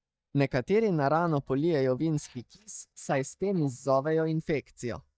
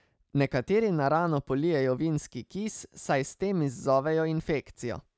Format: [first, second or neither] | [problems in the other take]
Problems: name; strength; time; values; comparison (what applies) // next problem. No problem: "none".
second | noise reduction (neural mask model DeepFilterNet 3)